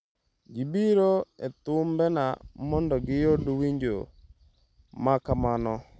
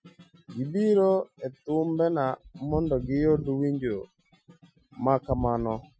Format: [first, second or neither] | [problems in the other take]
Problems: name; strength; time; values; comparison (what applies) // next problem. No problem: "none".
first | noise reduction (classical method Wiener filter)